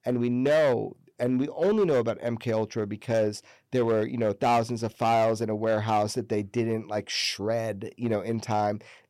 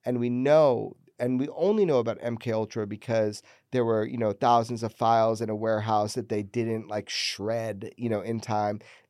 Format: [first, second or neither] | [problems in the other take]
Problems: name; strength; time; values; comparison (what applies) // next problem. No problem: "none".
second | distortion; slight; 5% of the sound clipped